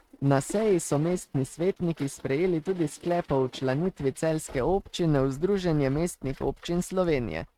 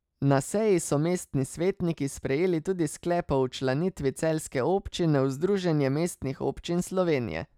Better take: second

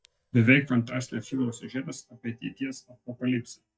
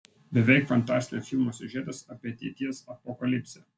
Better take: second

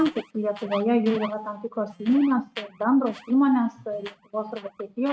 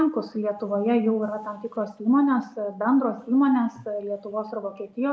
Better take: second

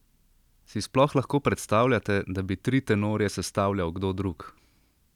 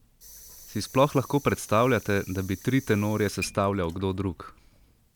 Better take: first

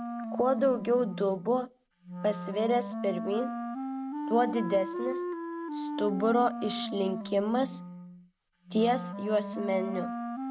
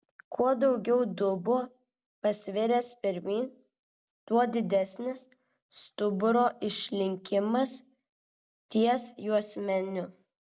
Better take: second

